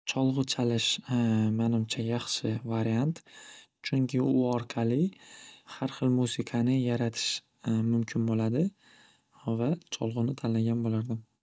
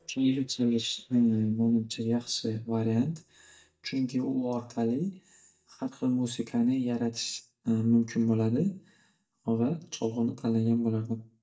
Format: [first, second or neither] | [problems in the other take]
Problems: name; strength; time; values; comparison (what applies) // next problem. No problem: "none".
first | noise reduction (neural mask model DeepFilterNet 3)